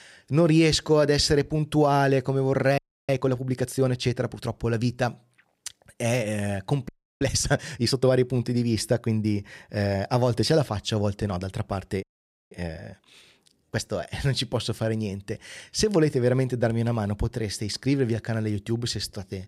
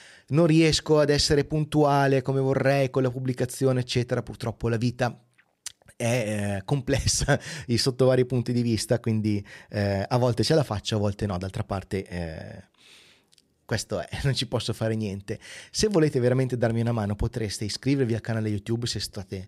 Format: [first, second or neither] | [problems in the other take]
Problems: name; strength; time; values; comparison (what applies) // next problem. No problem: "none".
second | audio freezing; at 3 s, at 7 s and at 12 s